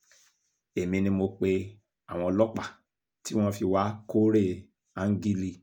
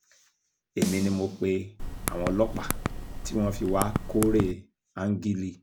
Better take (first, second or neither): first